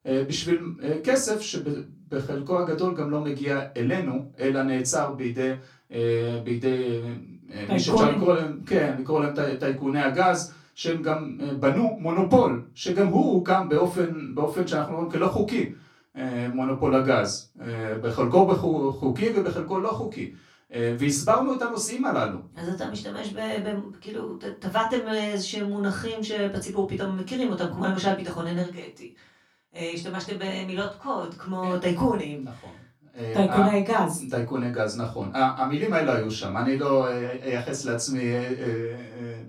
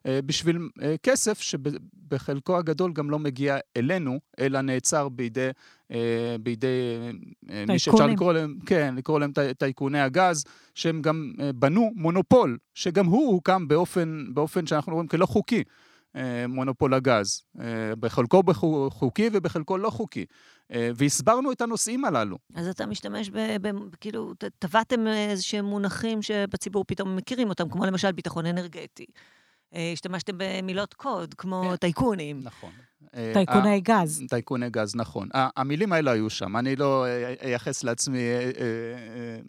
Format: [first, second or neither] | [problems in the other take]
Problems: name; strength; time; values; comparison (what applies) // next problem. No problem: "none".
second | off-mic speech; far // room echo; very slight; dies away in 0.3 s